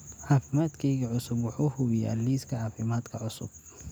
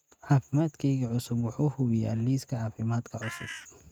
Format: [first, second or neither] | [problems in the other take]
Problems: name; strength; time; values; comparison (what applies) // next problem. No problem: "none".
first | noise reduction (neural mask model RNNoise)